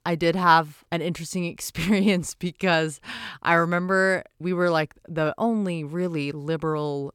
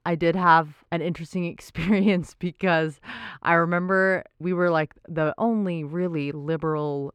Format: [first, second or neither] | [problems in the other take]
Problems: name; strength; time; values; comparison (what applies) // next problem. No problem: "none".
first | muffled; slightly; fading above 4 kHz